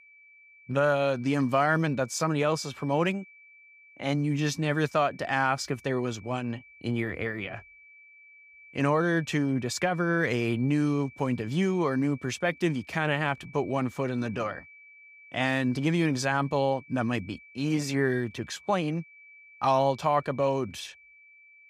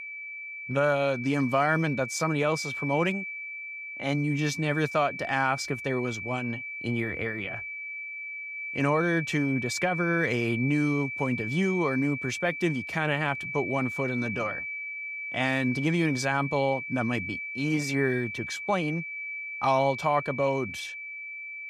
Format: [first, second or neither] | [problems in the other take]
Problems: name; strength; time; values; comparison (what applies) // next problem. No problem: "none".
first | high-pitched whine; loud; throughout; 2.5 kHz, 6 dB below the speech; faint in the first